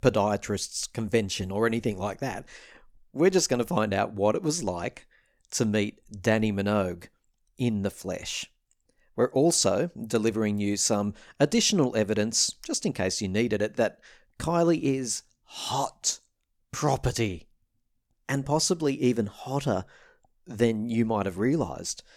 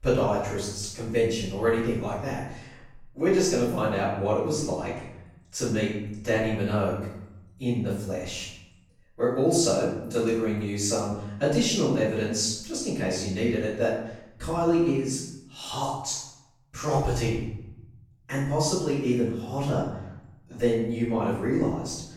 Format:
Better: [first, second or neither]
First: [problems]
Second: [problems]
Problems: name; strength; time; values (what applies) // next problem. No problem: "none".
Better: first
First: none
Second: room echo; noticeable; dies away in 0.8 s // off-mic speech; far